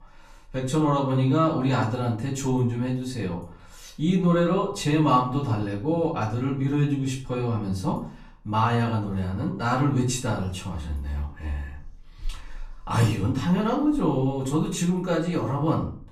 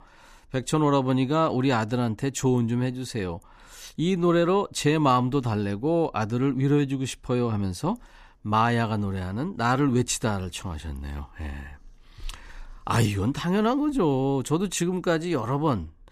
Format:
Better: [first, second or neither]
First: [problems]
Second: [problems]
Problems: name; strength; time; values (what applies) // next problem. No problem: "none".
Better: second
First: off-mic speech; far // room echo; slight; dies away in 0.4 s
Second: none